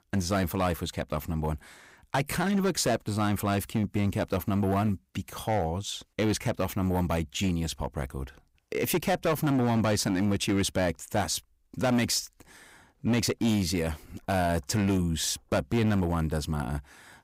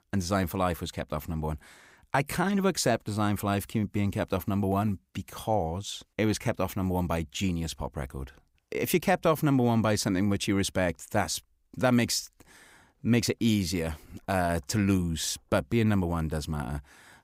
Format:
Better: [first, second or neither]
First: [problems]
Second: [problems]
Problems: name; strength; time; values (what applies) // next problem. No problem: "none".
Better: second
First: distortion; slight; 9% of the sound clipped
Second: none